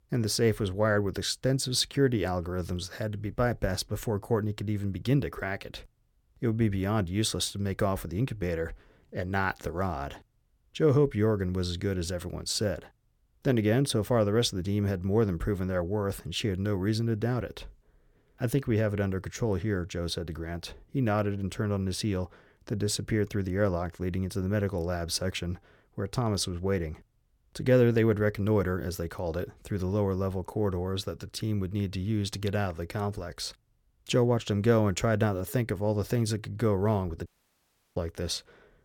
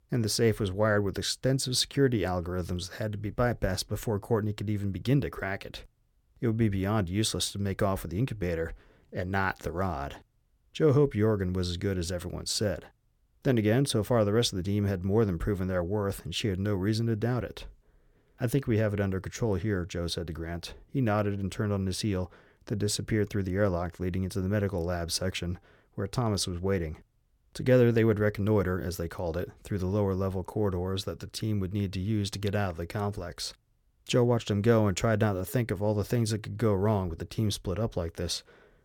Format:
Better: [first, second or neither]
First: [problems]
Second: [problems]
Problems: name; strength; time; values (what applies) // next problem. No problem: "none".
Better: second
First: audio cutting out; at 37 s for 0.5 s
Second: none